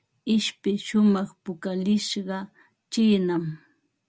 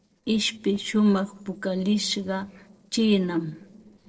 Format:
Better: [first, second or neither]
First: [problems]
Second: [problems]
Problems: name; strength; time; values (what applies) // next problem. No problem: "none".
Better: first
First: none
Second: noise reduction (neural separator model SepFormer DNS4)